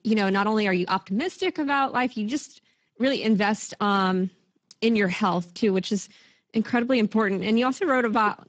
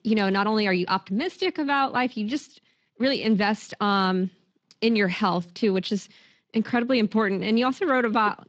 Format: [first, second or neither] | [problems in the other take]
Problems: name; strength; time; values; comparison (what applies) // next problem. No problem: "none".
second | garbled, watery; badly; nothing above 7.5 kHz; slightly in the second